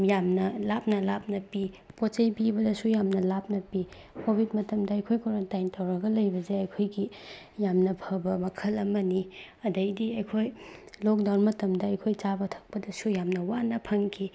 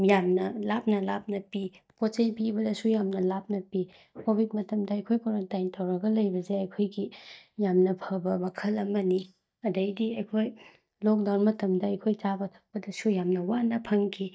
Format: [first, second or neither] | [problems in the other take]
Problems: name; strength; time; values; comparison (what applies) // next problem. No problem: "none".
first | noise reduction (neural mask model DeepFilterNet 3)